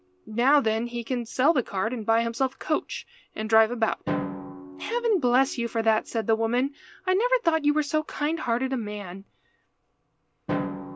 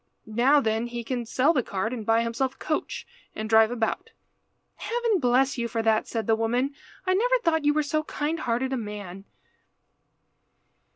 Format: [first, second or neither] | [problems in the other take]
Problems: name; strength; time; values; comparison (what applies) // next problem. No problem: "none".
second | background sound (Drum); 13 dB below the speech